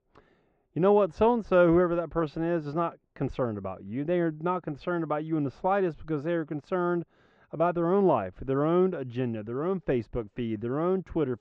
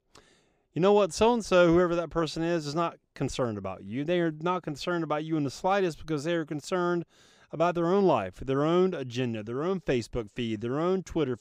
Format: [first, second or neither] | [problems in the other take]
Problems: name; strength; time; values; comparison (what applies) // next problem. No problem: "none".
second | muffled; very; fading above 1.5 kHz